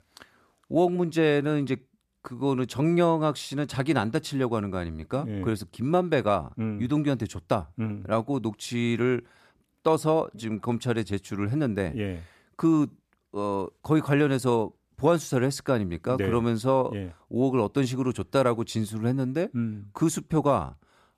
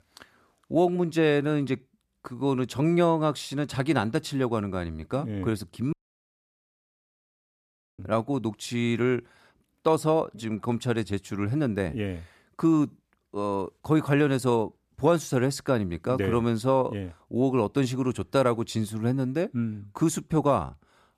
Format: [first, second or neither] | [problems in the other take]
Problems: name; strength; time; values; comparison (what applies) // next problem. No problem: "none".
first | audio cutting out; at 6 s for 2 s